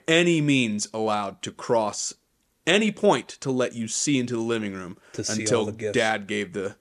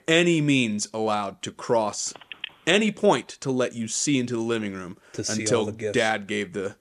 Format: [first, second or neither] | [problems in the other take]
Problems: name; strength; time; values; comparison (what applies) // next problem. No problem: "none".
first | phone ringing; faint; at 2 s; peak 10 dB below the speech